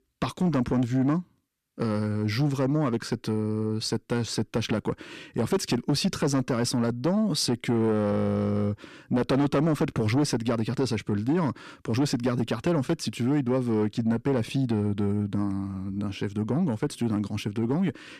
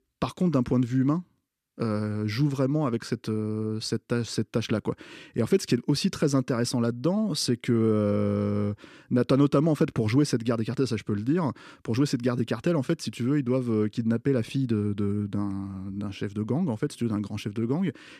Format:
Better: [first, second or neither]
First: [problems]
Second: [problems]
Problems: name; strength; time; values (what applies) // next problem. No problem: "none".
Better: second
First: distortion; slight; 10 dB below the speech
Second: none